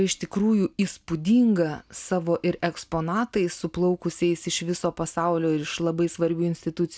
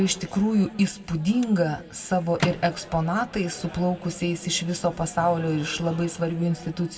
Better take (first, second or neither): first